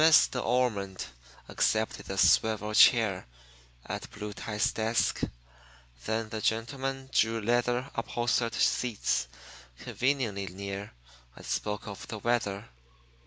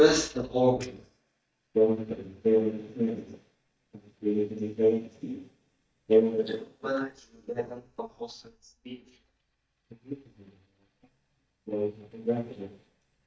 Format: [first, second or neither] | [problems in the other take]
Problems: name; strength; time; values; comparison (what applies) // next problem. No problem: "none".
first | noise reduction (neural mask model DeepFilterNet 3)